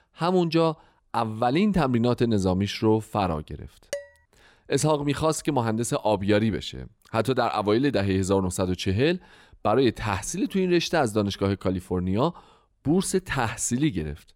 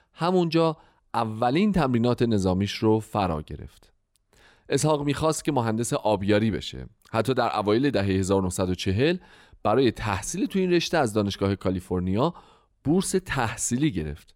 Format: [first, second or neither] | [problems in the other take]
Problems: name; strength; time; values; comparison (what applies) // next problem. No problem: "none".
second | clattering dishes; faint; at 4 s; peak 10 dB below the speech